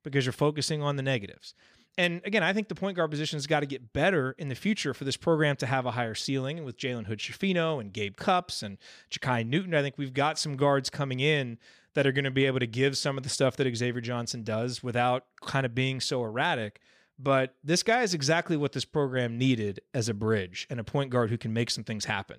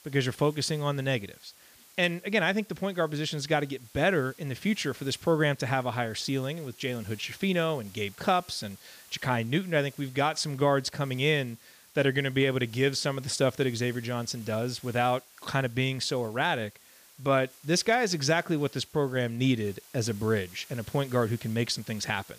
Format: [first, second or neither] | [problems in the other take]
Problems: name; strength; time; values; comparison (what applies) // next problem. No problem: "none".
first | hiss; faint; throughout; 20 dB below the speech